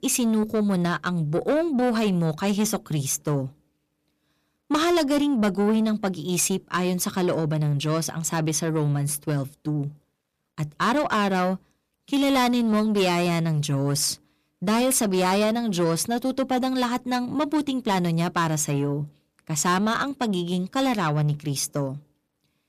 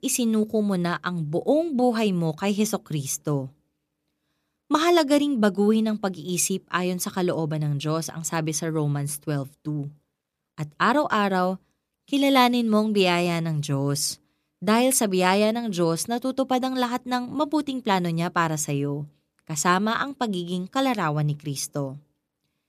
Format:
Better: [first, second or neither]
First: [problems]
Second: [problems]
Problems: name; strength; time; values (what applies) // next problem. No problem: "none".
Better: second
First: distortion; slight; 10 dB below the speech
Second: none